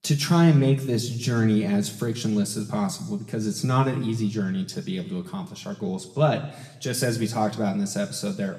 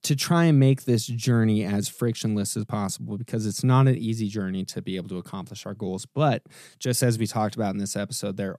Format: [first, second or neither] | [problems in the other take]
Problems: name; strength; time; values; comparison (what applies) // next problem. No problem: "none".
second | room echo; slight; dies away in 0.8 s // off-mic speech; somewhat distant